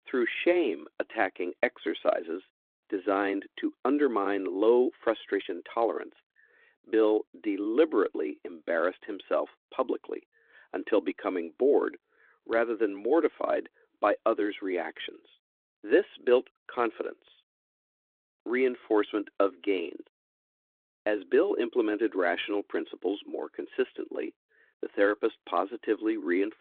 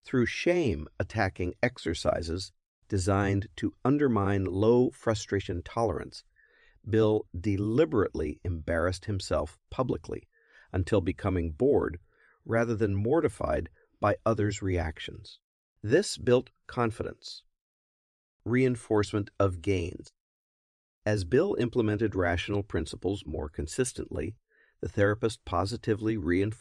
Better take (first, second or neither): second